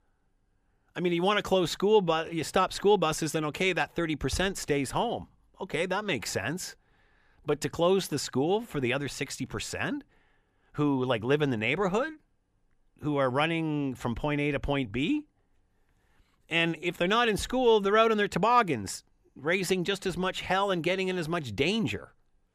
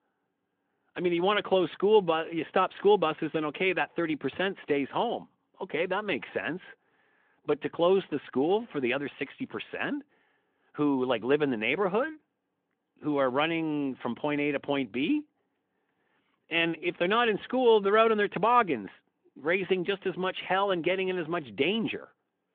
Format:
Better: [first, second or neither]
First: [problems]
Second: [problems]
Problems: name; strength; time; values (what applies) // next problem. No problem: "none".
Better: first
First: none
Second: phone-call audio; nothing above 3.5 kHz